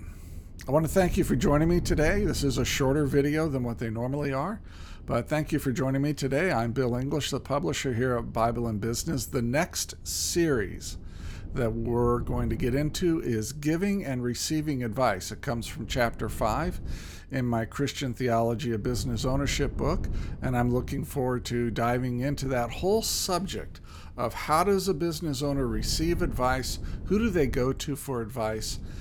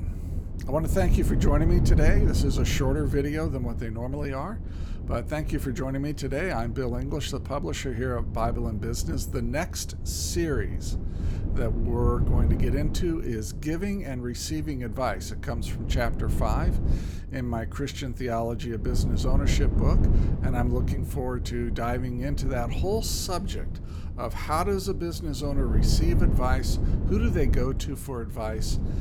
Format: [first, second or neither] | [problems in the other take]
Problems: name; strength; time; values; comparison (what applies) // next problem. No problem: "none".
first | low rumble; loud; throughout; 10 dB below the speech; faint in the first